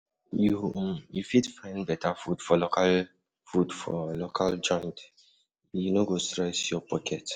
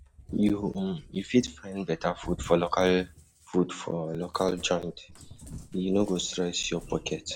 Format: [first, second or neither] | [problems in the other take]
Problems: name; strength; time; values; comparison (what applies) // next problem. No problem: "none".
first | background sound (Cat); 18 dB below the speech